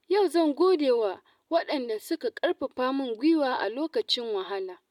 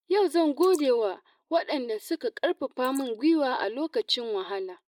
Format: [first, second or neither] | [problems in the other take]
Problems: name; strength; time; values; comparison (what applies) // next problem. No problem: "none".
first | noise reduction (neural mask model Resemble Enhance denoiser)